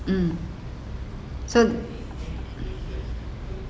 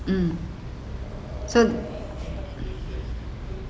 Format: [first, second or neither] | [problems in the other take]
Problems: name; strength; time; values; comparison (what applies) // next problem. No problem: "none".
first | background sound (Wind); 18 dB below the speech